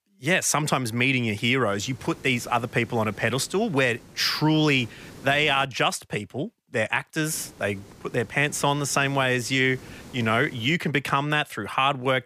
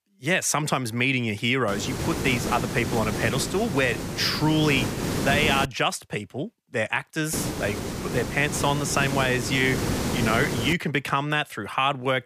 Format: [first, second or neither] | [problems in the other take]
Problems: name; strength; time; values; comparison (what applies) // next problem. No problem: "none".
first | hiss; loud; from 1.5 to 5.5 s and from 7.5 to 11 s; 4 dB below the speech; faint in the first